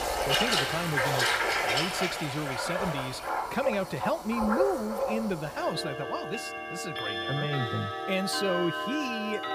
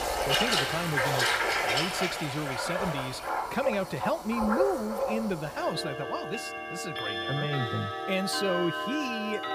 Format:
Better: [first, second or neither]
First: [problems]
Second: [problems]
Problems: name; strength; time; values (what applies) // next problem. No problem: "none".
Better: neither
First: household noises; very loud; throughout; 2 dB above the speech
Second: household noises; very loud; throughout; 2 dB above the speech